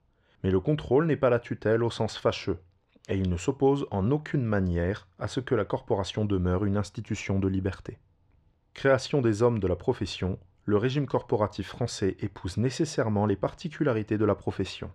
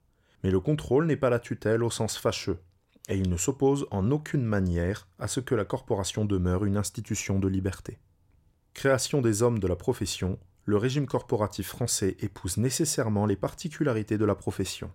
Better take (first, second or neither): second